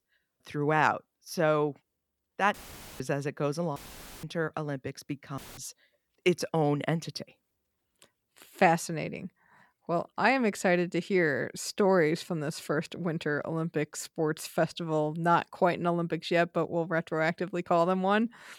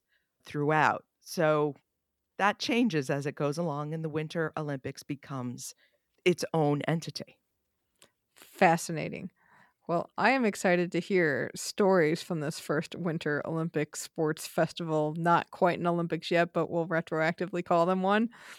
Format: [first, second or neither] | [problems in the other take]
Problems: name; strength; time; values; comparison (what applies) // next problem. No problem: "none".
second | audio cutting out; filled with static; at 2.5 s, at 4 s and at 5.5 s